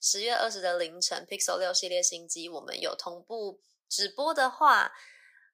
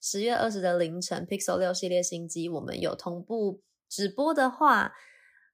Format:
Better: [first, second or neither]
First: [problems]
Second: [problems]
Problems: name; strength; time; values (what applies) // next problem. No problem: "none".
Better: second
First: thin; very; fading below 600 Hz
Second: none